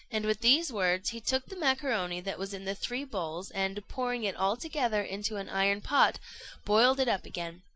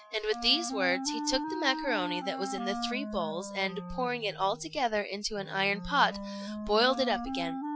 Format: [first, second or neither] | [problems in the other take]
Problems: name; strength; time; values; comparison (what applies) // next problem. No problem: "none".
first | noise reduction (classical method Wiener filter)